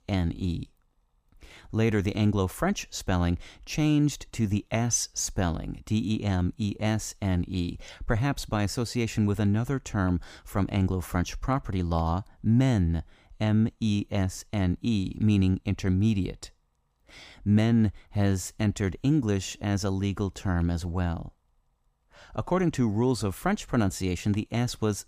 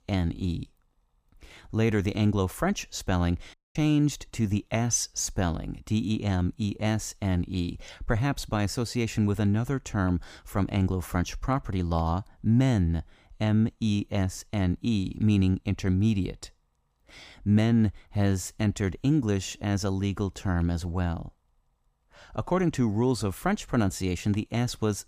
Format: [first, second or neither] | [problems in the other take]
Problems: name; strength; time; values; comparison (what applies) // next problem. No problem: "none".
first | audio cutting out; at 3.5 s